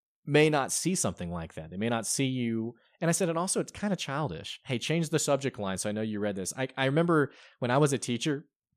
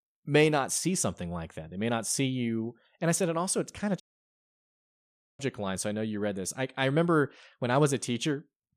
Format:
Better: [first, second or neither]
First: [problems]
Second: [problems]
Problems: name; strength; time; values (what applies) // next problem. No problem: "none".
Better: first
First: none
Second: audio cutting out; at 4 s for 1.5 s